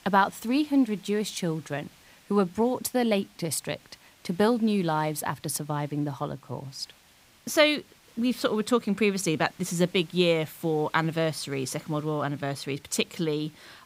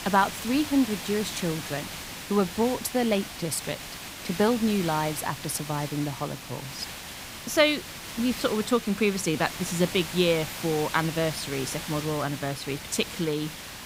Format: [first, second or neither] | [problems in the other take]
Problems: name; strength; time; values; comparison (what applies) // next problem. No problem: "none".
first | hiss; loud; throughout; 9 dB below the speech; faint in the first